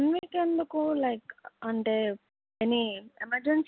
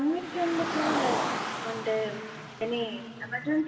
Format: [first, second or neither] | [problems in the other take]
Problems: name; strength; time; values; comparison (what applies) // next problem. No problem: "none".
first | background sound (Car); 3 dB below the speech // room echo; dies away in 2.9 s